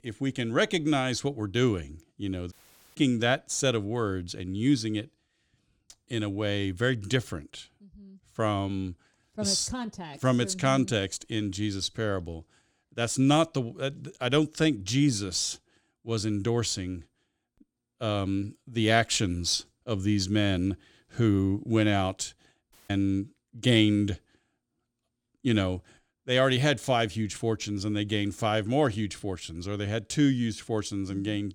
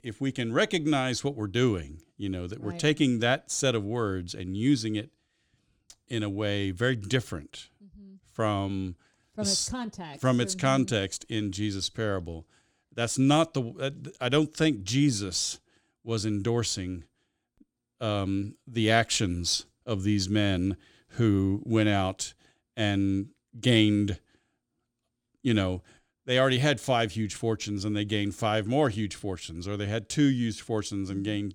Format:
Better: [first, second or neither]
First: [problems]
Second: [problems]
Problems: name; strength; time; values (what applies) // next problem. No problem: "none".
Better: second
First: audio cutting out; at 2.5 s and at 23 s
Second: none